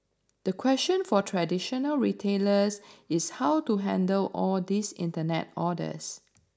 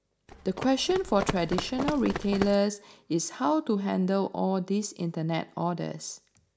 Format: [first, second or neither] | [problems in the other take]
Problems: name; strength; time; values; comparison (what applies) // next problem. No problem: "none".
first | background sound (Run); 6 dB below the speech